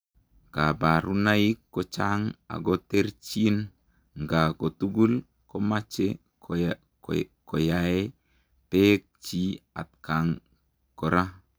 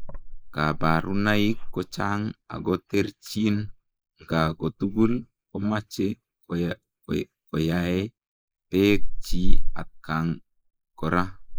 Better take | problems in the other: first | noise reduction (neural mask model Resemble Enhance denoiser)

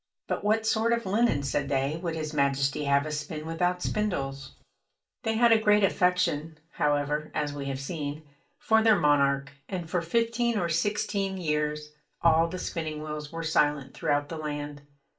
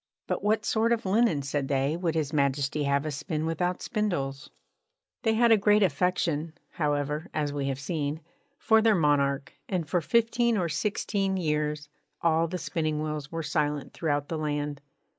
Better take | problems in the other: second | background sound (Cupboard open or close); 9 dB below the speech // room echo; dies away in 0.2 s

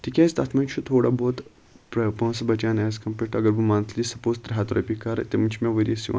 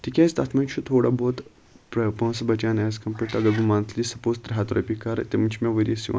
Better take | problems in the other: first | background sound (Meow); 17 dB below the speech

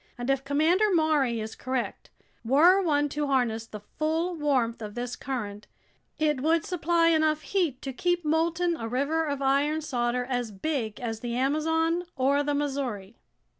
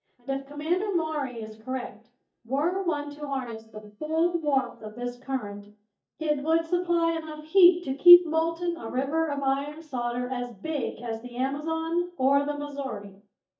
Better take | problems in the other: first | noise reduction (neural mask model DeepFilterNet 3)

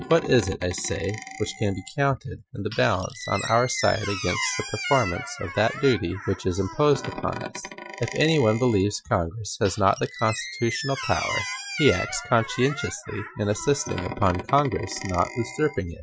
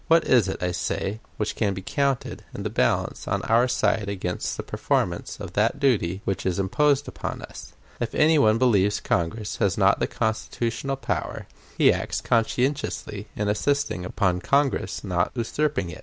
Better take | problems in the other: second | noise reduction (classical method Wiener filter)

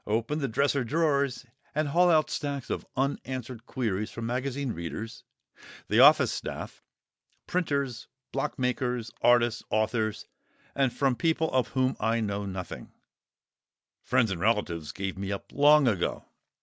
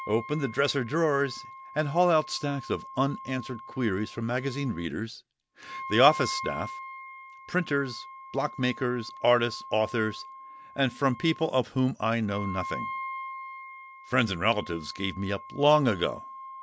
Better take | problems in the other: first | background sound (Wind instrument, woodwind instrument); 13 dB below the speech

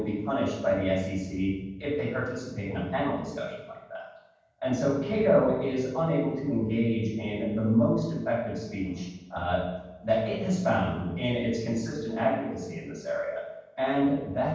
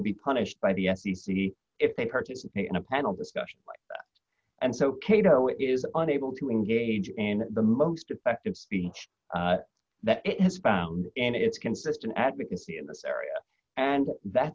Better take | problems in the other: second | room echo; dies away in 1.2 s

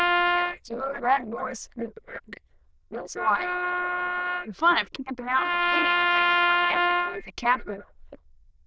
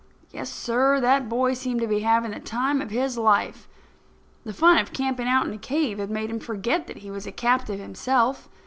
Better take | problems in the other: second | noise reduction (neural diffusion model UNIVERSE++)

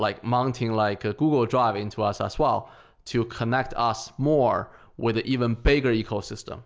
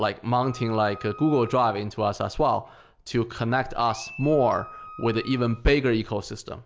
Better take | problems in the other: first | background sound (Wind instrument, woodwind instrument + Chirp, tweet); 19 dB below the speech

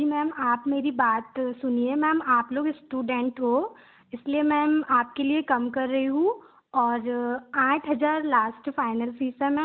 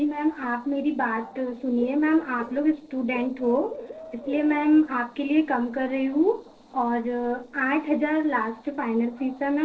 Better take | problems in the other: first | noise reduction (neural separator model SepFormer DNS4)

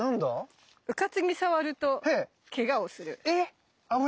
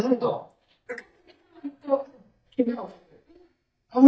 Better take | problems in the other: first | noise reduction (neural mask model DeepFilterNet 3)

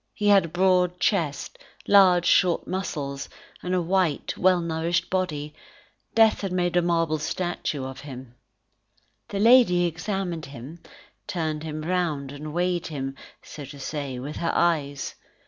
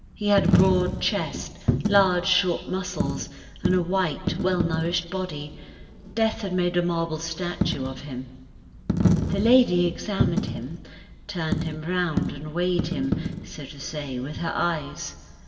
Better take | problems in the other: first | background sound (Coin (dropping)); 3 dB below the speech // room echo; dies away in 2 s

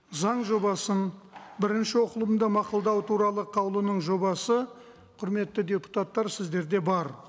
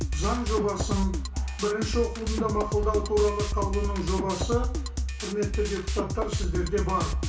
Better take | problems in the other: first | background sound (Drum kit); as loud as the speech // room echo; dies away in 0.3 s

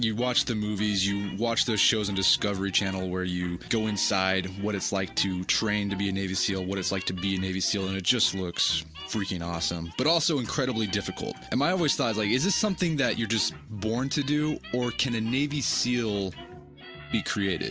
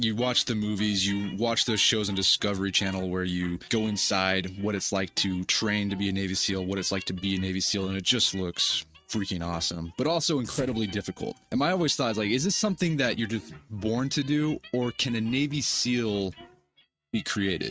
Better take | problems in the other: first | noise reduction (neural mask model RNNoise)

